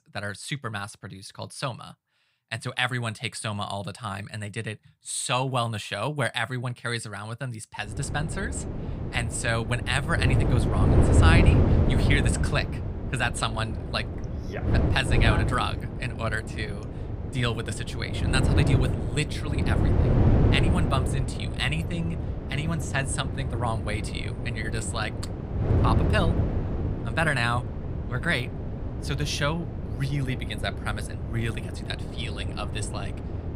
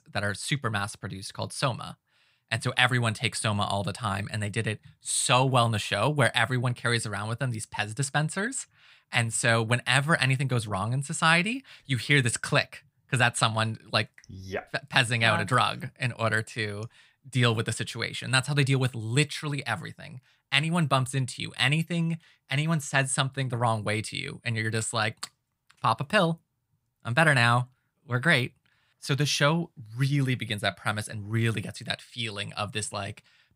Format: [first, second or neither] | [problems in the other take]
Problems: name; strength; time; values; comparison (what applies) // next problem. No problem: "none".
second | wind noise on the microphone; heavy; from 8 s on; 6 dB below the speech